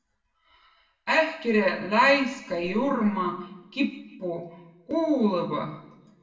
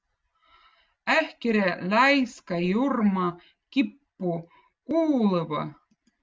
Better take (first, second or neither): second